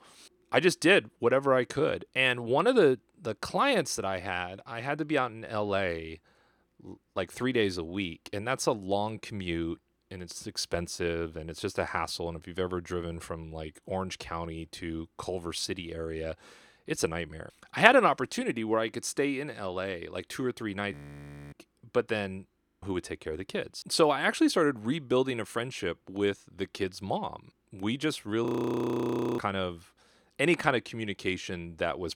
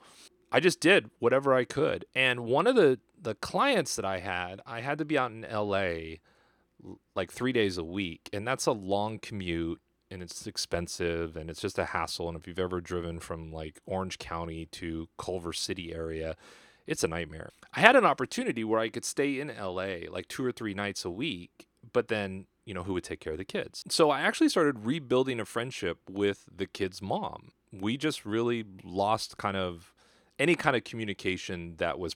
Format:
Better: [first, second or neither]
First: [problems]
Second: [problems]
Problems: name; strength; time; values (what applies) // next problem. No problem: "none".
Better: second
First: audio freezing; at 21 s for 0.5 s, at 23 s and at 28 s for 1 s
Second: none